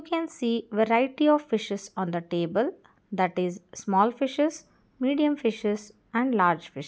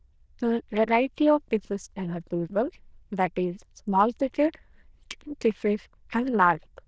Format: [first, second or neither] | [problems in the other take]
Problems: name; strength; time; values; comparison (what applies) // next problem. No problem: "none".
first | noise reduction (neural diffusion model UNIVERSE++)